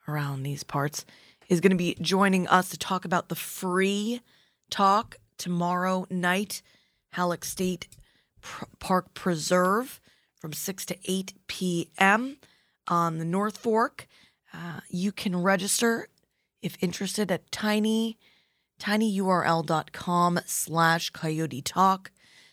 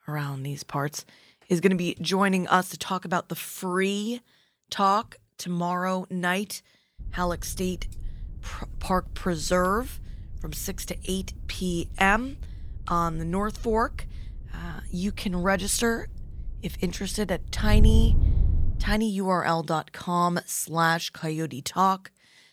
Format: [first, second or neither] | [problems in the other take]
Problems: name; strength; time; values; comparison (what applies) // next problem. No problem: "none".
first | wind noise on the microphone; occasional gusts; from 7 to 19 s; 20 dB below the speech